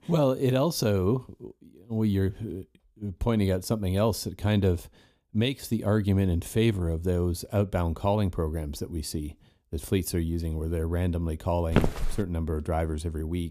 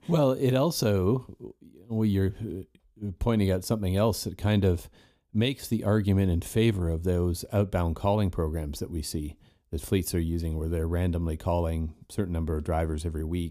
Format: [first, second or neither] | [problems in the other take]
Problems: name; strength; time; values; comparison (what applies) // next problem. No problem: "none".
second | footsteps; loud; at 12 s; peak 1 dB above the speech